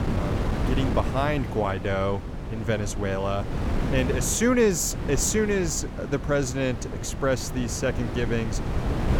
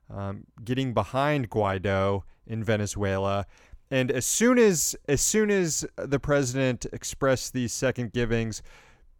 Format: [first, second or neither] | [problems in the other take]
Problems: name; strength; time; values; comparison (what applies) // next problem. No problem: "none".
second | wind noise on the microphone; heavy; 9 dB below the speech